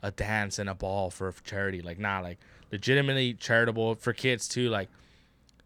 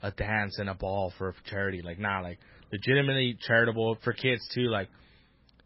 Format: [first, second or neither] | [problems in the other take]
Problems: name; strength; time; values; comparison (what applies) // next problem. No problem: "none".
first | garbled, watery; badly; nothing above 5.5 kHz